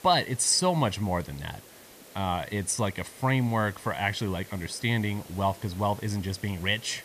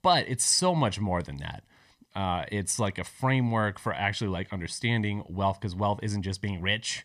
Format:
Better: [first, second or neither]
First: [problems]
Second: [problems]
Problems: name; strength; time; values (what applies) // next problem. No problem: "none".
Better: second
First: hiss; noticeable; throughout; 20 dB below the speech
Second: none